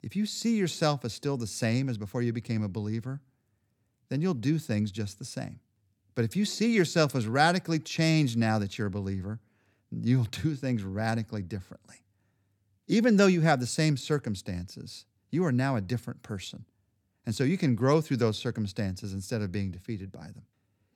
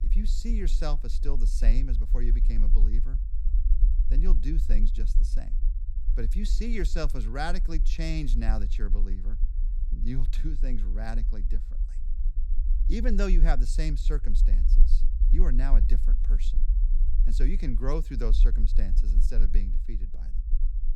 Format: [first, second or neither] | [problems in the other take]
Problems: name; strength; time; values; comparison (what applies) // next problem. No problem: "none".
first | low rumble; noticeable; throughout; 15 dB below the speech